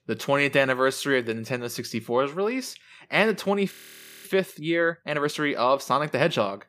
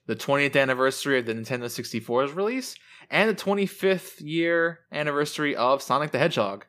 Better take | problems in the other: second | audio freezing; at 3.5 s for 0.5 s

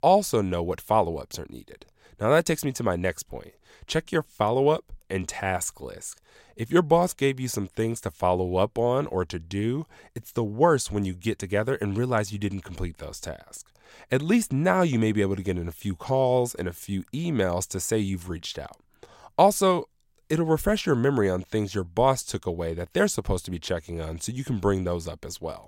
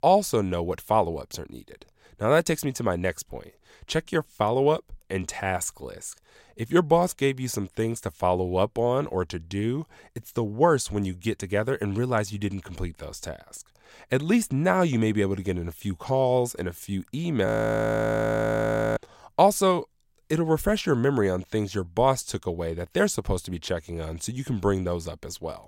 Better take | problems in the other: first | audio freezing; at 17 s for 1.5 s

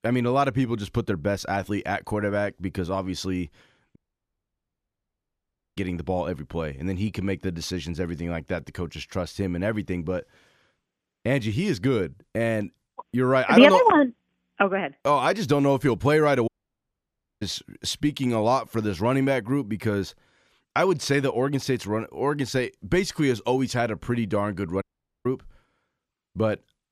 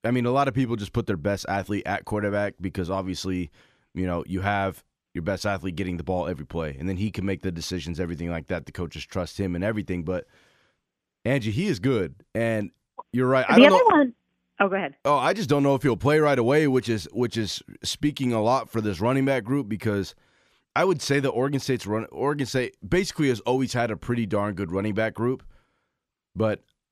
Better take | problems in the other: second | audio cutting out; at 4 s for 2 s, at 16 s for 1 s and at 25 s

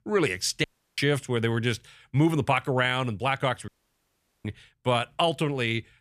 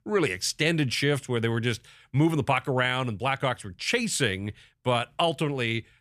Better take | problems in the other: second | audio cutting out; at 0.5 s and at 3.5 s for 1 s

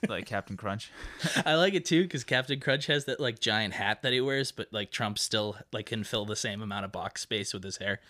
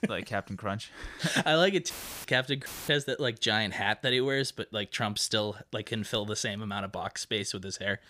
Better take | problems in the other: first | audio cutting out; filled with static; at 2 s and at 2.5 s

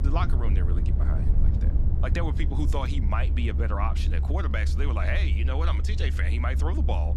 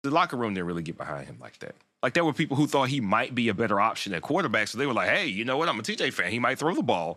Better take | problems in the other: second | low rumble; loud; throughout; 9 dB below the speech

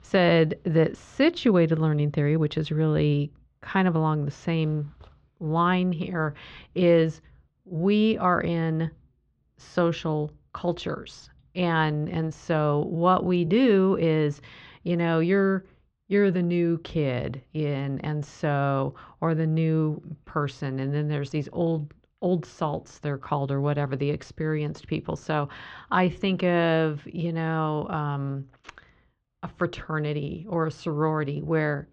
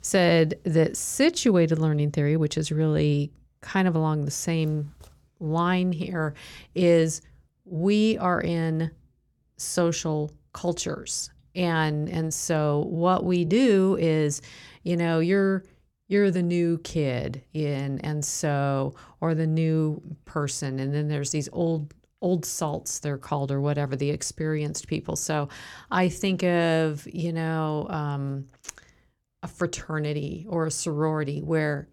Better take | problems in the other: second | muffled; very; fading above 3.5 kHz

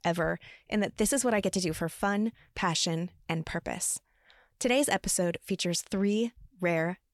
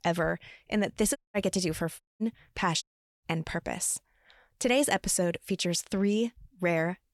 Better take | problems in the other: first | audio cutting out; at 1 s, at 2 s and at 3 s

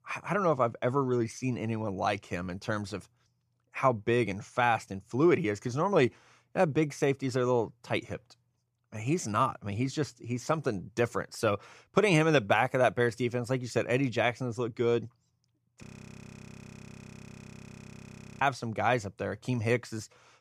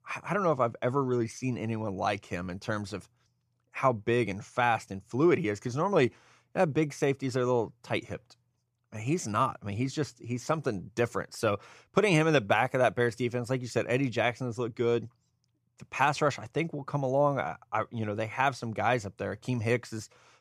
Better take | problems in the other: second | audio freezing; at 16 s for 2.5 s

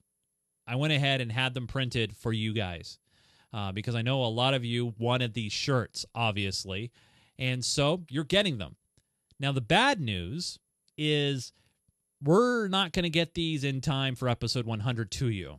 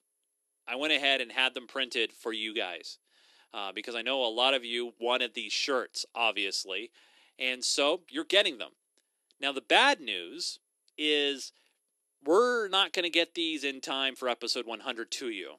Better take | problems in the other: first | thin; somewhat; fading below 300 Hz

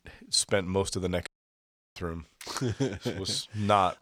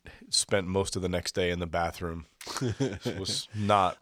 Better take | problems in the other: second | audio cutting out; at 1.5 s for 0.5 s

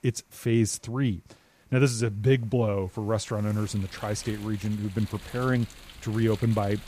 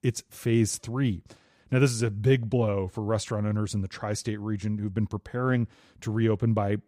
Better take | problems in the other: second | rain or running water; noticeable; throughout; 20 dB below the speech

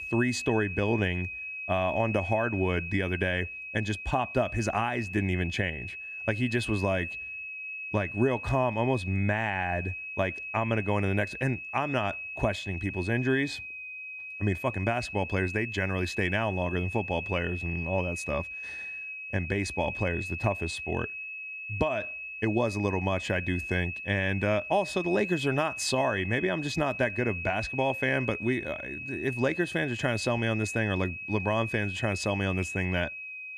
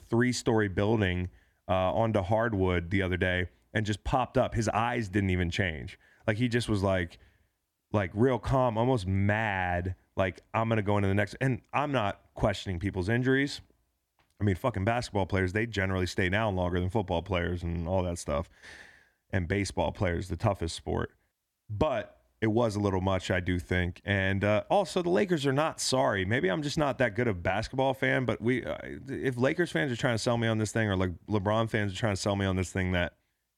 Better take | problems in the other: second | high-pitched whine; loud; throughout; 2.5 kHz, 6 dB below the speech

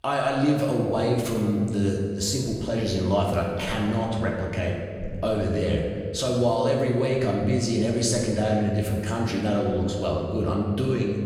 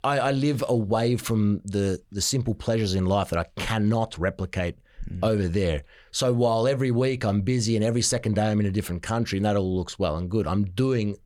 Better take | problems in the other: second | room echo; noticeable; dies away in 1.7 s // off-mic speech; far

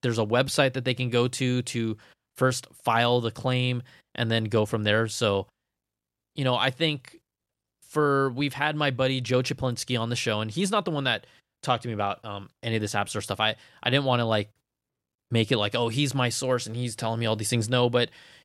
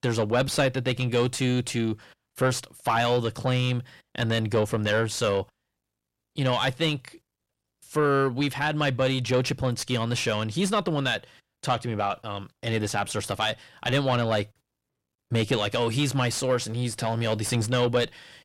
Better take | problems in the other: first | distortion; slight; 10 dB below the speech

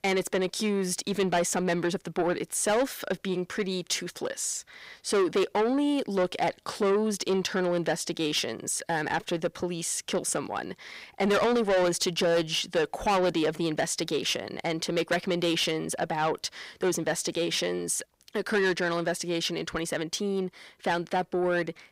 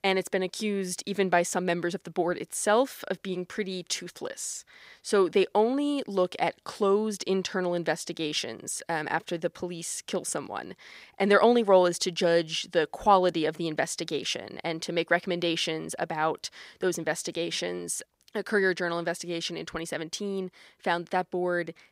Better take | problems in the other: second | distortion; heavy; 8 dB below the speech

